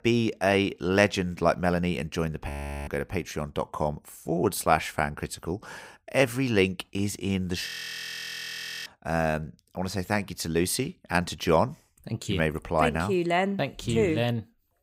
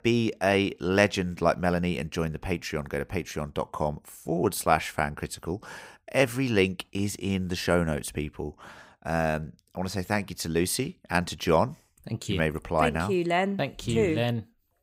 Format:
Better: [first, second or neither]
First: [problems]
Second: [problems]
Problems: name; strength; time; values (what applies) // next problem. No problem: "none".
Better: second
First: audio freezing; at 2.5 s and at 7.5 s for 1 s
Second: none